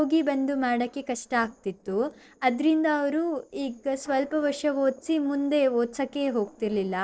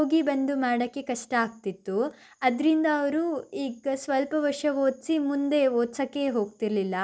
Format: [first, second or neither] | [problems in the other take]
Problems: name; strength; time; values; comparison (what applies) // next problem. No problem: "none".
second | noise reduction (neural separator model SepFormer DNS4)